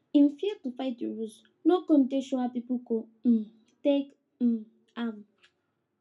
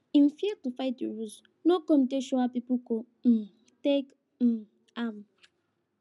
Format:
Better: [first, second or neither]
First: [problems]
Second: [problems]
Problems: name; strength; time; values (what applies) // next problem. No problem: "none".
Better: second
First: room echo; dies away in 0.2 s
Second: none